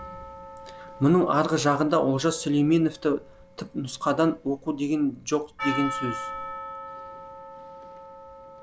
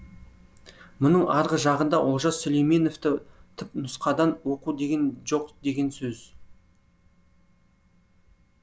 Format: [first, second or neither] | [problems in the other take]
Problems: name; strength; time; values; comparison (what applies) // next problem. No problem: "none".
second | background sound (Percussion); 12 dB below the speech